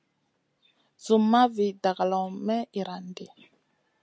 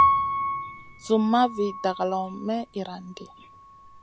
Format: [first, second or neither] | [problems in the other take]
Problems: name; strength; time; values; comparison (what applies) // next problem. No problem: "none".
first | background sound (Piano); 1 dB below the speech